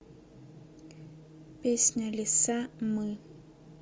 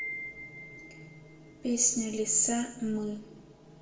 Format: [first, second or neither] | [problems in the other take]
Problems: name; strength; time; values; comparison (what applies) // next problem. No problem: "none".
first | background sound (Wind chime); 14 dB below the speech // room echo; dies away in 0.6 s